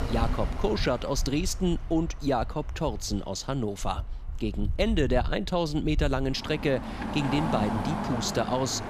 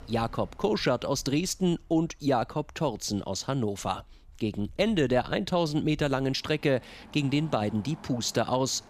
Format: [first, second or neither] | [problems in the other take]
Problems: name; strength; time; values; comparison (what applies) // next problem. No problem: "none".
second | traffic noise; loud; throughout; 6 dB below the speech; faint in the second